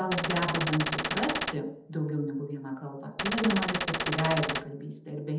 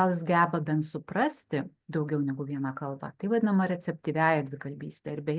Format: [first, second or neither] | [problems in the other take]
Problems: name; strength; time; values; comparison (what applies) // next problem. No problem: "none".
second | background sound (Gunshot, gunfire); as loud as the speech // room echo; dies away in 0.8 s